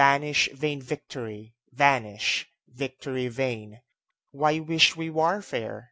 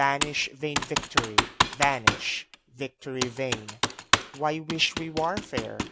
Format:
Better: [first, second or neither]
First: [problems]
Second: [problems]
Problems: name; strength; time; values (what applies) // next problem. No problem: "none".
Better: first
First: none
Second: background sound (Computer keyboard); 1 dB above the speech